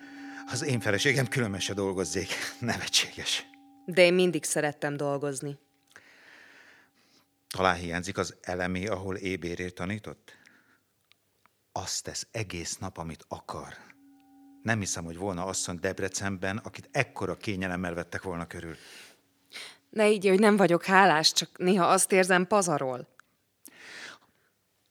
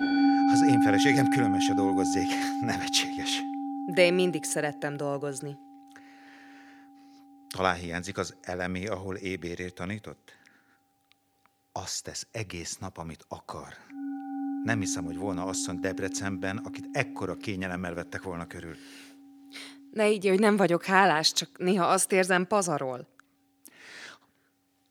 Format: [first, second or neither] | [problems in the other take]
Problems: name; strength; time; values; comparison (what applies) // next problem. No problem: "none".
first | background music; loud; throughout; as loud as the speech; faint in the first